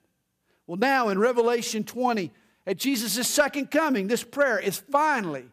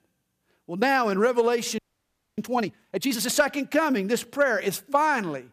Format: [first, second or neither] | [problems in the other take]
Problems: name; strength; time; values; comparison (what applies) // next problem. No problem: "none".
first | audio freezing; at 2 s for 0.5 s